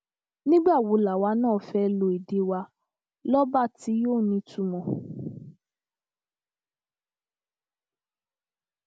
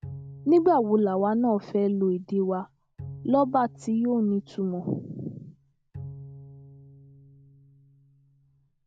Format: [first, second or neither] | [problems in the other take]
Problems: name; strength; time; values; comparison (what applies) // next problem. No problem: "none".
first | background sound (Bowed string instrument); 19 dB below the speech